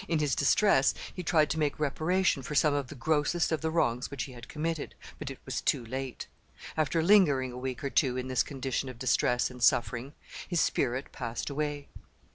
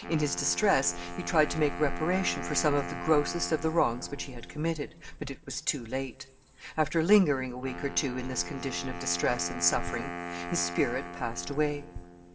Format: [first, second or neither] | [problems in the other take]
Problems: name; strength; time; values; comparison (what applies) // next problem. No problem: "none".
first | background sound (Wind instrument, woodwind instrument); 11 dB below the speech // room echo; dies away in 2.4 s